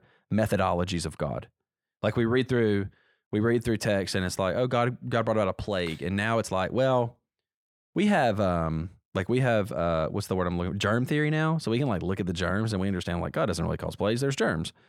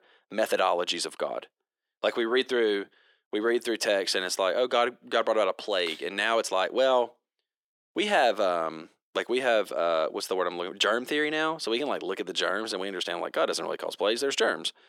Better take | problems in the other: first | thin; somewhat; fading below 350 Hz

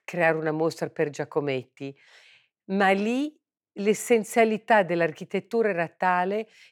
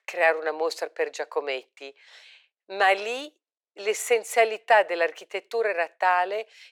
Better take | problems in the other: first | thin; very; fading below 450 Hz

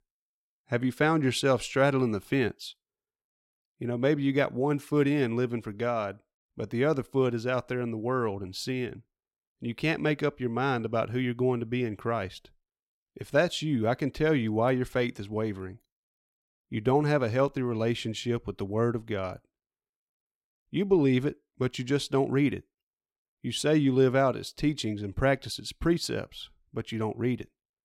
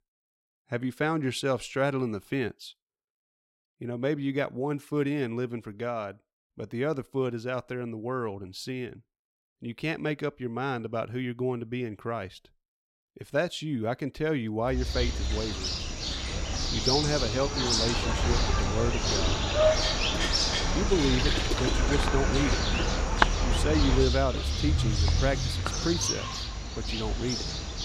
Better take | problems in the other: first | animal sounds; very loud; from 15 s on; 3 dB above the speech

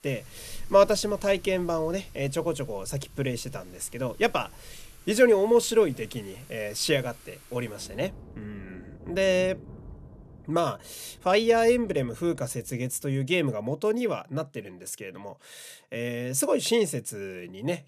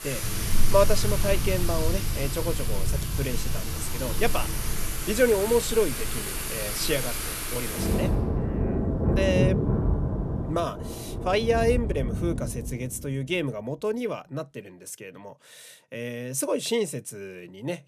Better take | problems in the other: first | rain or running water; loud; until 13 s; as loud as the speech; faint in the first

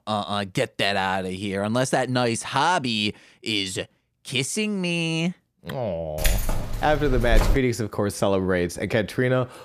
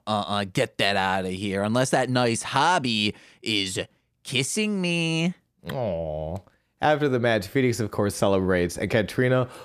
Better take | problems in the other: second | jangling keys; noticeable; from 6 to 7.5 s; peak level with the speech

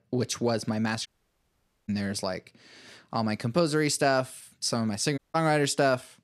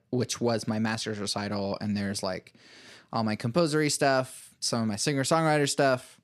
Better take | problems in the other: second | audio cutting out; at 1 s for 1 s and at 5 s

